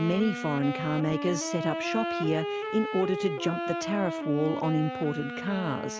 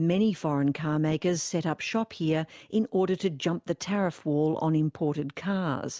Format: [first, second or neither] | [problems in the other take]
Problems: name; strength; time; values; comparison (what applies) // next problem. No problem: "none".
second | background sound (Wind instrument, woodwind instrument); 5 dB below the speech